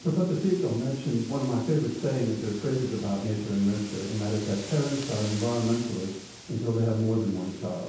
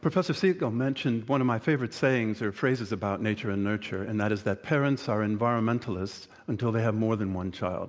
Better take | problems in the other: second | background sound (Wind); 16 dB below the speech // room echo; dies away in 0.9 s

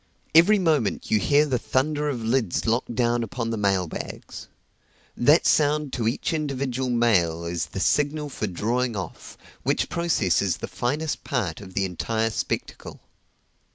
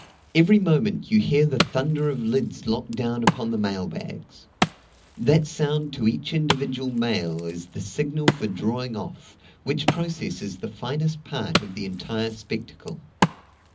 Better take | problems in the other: first | background sound (Wood); 6 dB below the speech // room echo; dies away in 0.4 s

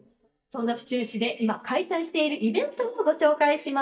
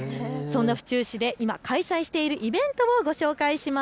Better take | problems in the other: second | noise reduction (neural mask model DeepFilterNet 3)

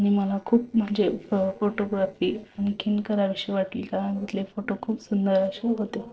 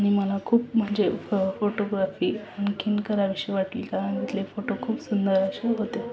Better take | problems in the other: second | noise reduction (neural separator model SepFormer DNS4)

